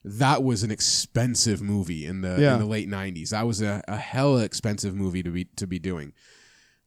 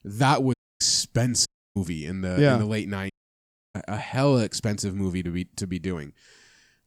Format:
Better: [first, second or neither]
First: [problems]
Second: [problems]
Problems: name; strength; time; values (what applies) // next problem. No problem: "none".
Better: first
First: none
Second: audio cutting out; at 0.5 s, at 1.5 s and at 3 s for 0.5 s